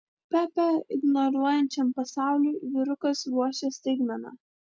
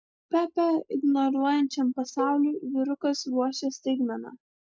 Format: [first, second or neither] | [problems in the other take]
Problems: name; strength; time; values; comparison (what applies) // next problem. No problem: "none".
first | noise reduction (neural mask model Resemble Enhance denoiser)